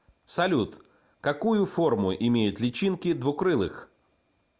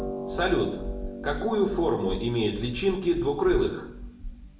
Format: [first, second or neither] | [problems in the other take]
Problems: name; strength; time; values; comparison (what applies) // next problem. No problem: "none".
first | background sound (Harp); 8 dB below the speech // room echo; dies away in 0.6 s